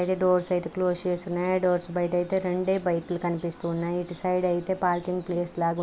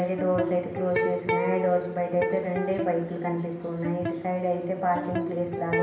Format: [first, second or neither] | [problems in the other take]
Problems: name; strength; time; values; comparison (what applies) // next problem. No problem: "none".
first | background sound (Electric guitar); 4 dB below the speech // room echo; dies away in 0.8 s